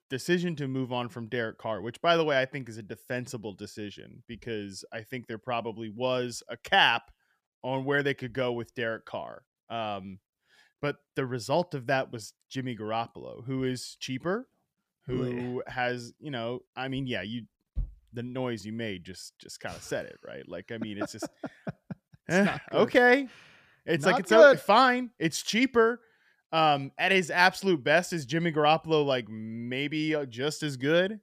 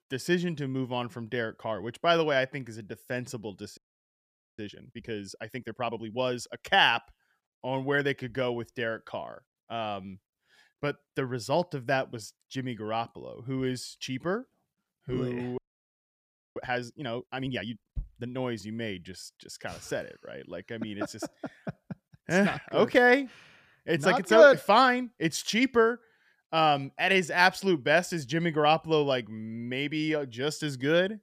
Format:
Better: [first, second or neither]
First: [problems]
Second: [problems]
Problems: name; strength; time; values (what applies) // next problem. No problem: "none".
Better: first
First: none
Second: audio freezing; at 4 s for 1 s and at 16 s for 1 s